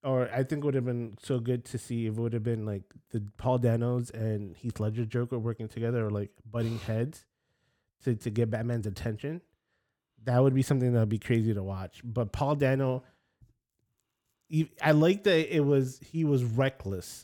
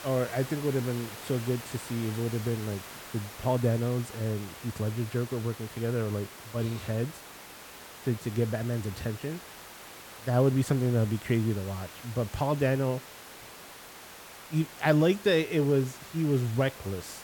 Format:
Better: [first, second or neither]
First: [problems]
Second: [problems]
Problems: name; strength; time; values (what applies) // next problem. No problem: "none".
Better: first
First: none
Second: hiss; noticeable; throughout; 15 dB below the speech